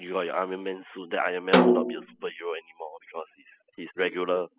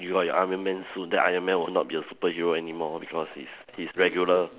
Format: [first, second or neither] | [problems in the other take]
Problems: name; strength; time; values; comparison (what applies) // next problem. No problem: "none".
second | noise reduction (classical method spectral subtraction)